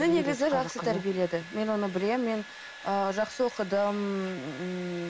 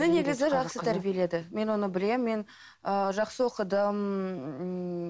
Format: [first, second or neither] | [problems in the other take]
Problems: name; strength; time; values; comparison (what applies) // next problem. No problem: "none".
second | background sound (Domestic sounds, home sounds); 16 dB below the speech